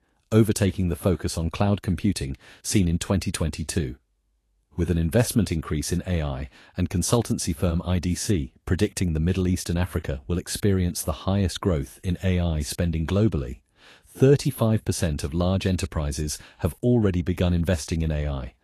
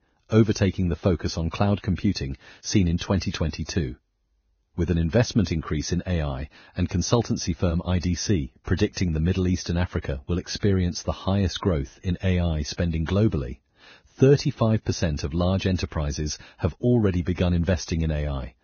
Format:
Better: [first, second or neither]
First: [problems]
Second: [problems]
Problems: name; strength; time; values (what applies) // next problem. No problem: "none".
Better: first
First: garbled, watery; slightly; nothing above 12.5 kHz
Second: garbled, watery; badly; nothing above 6.5 kHz